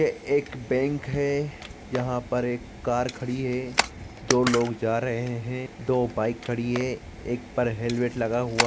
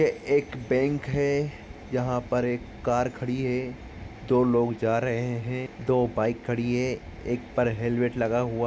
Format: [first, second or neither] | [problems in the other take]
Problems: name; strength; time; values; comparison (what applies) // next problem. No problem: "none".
second | background sound (Camera); 9 dB below the speech